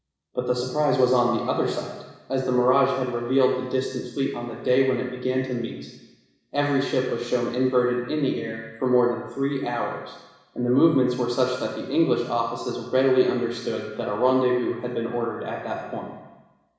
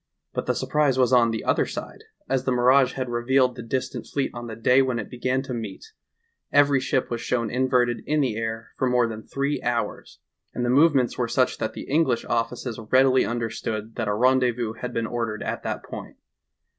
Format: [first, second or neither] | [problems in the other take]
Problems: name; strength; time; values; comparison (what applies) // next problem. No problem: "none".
second | room echo; dies away in 1 s